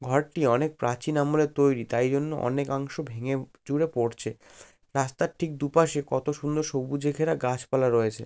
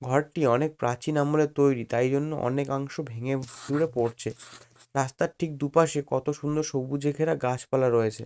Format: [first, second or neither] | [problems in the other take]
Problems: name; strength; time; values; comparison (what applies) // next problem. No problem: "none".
first | noise reduction (neural mask model RNNoise)